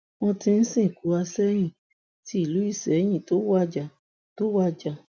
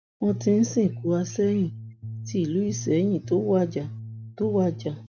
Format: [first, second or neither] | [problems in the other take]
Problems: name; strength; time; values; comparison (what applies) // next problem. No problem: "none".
first | background sound (Bass guitar); 11 dB below the speech